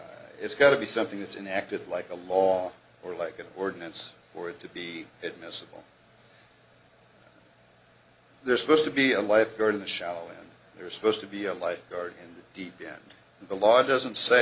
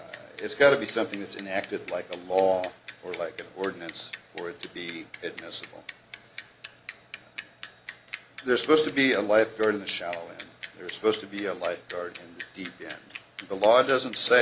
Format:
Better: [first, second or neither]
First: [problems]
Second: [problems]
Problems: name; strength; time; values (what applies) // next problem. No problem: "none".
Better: first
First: none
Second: background sound (Bicycle); 17 dB below the speech